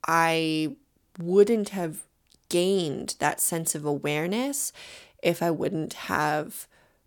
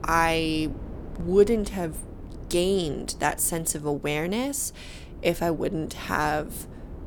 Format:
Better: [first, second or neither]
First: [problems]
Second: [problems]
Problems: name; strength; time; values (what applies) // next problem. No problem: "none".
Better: first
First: none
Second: wind noise on the microphone; occasional gusts; 20 dB below the speech